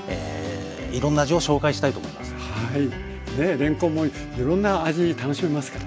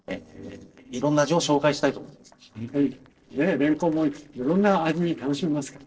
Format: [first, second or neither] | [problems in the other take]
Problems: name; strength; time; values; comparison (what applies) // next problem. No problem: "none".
first | noise reduction (neural separator model SepFormer DNS4)